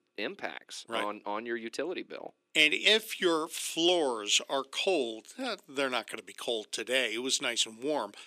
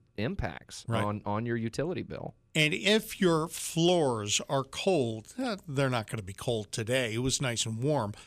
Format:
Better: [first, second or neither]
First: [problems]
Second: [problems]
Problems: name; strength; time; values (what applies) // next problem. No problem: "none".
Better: second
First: thin; somewhat; fading below 300 Hz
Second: none